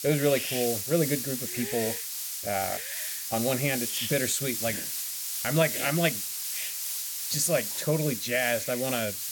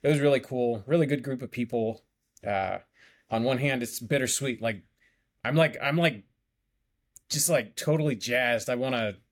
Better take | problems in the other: second | hiss; loud; throughout; 2 dB below the speech

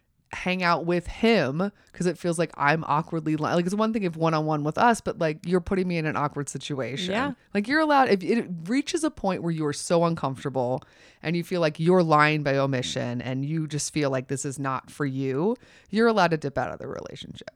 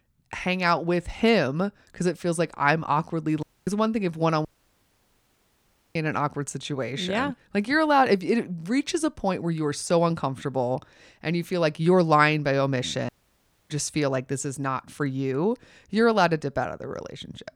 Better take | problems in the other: first | audio cutting out; at 3.5 s, at 4.5 s for 1.5 s and at 13 s for 0.5 s

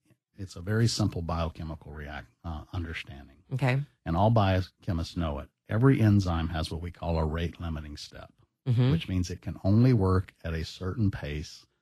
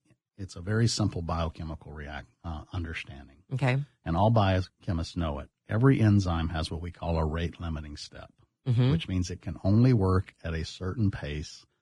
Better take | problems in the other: first | garbled, watery; badly; nothing above 10 kHz; slightly in the first

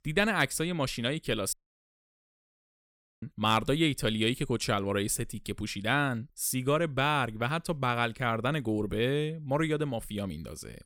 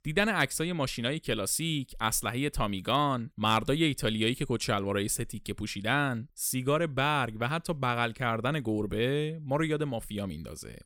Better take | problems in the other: second | audio cutting out; at 1.5 s for 1.5 s

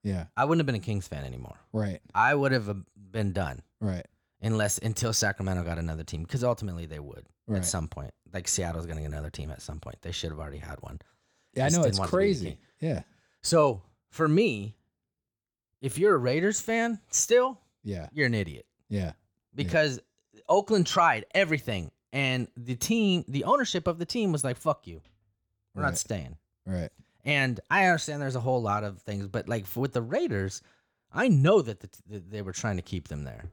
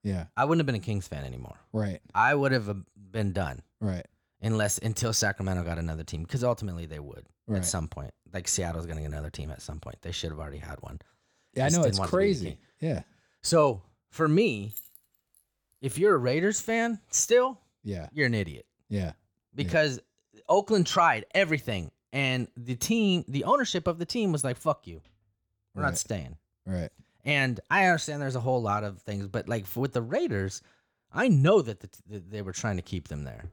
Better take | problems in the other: first | jangling keys; faint; at 15 s; peak 15 dB below the speech

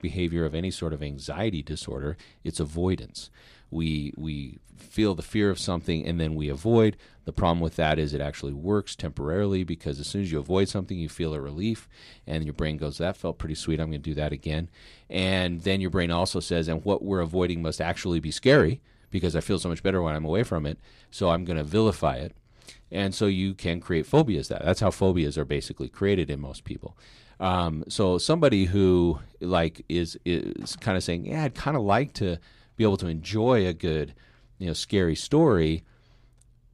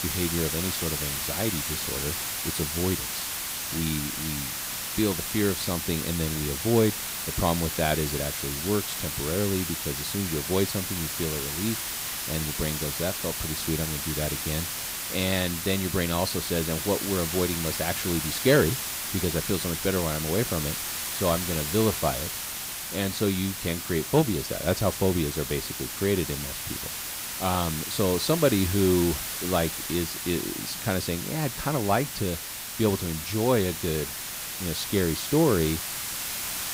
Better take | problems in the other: first | hiss; loud; throughout; 2 dB below the speech

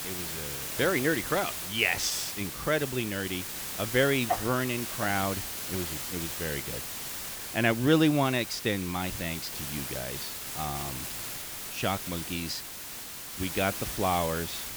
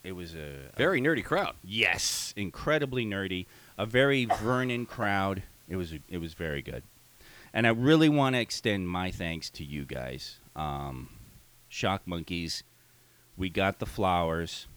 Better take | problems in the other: second | hiss; loud; throughout; 4 dB below the speech; faint in the second

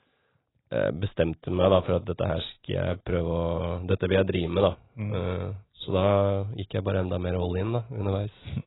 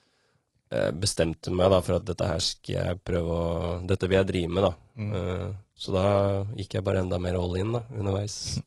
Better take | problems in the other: second | garbled, watery; badly; nothing above 4 kHz; slightly in the second

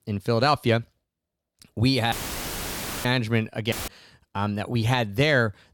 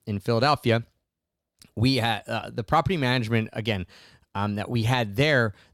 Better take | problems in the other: second | audio cutting out; filled with static; at 2 s for 1 s and at 3.5 s

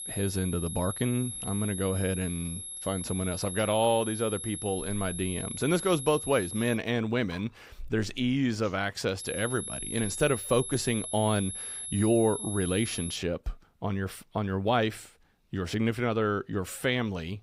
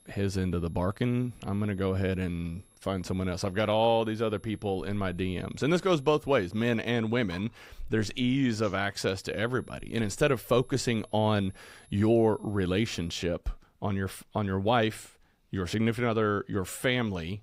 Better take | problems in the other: second | high-pitched whine; loud; until 7 s and from 9 to 13 s; 11 kHz, 6 dB below the speech; faint in the second

